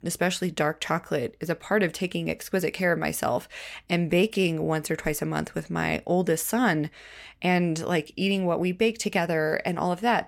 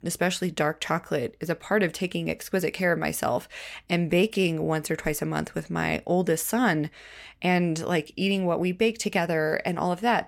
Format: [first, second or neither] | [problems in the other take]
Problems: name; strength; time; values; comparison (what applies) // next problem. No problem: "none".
neither | none